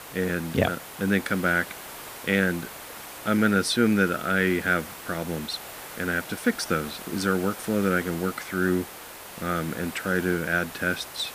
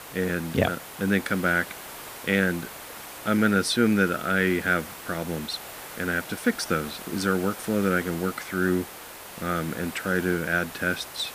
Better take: neither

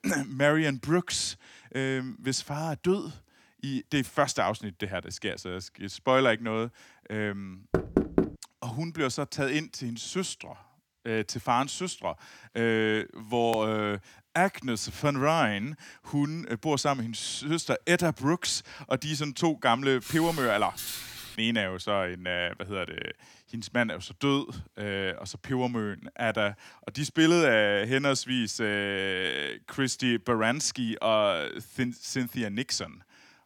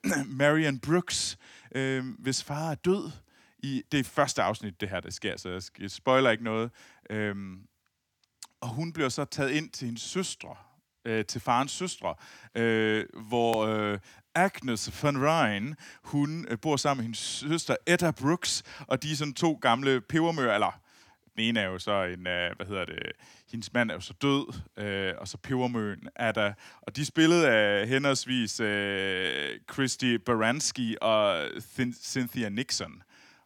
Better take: second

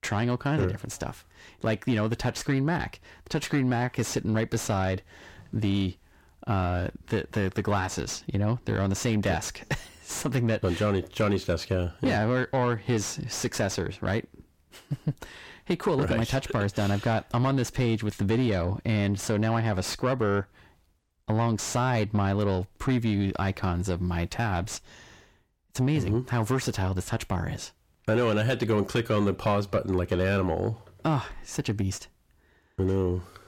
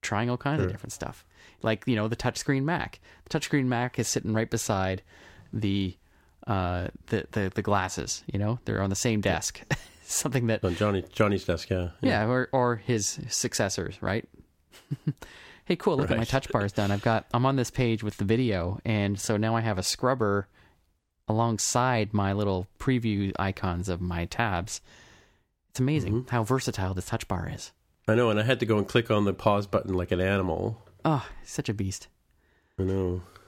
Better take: second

